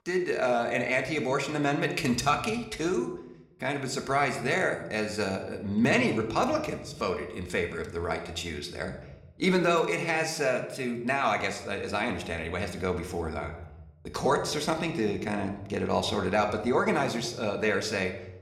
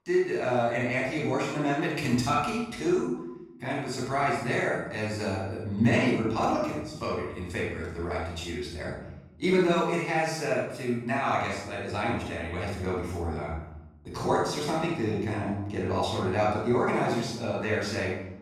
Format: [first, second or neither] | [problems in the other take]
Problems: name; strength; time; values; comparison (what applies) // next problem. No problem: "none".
first | room echo; strong; dies away in 0.8 s; slight in the first // off-mic speech; far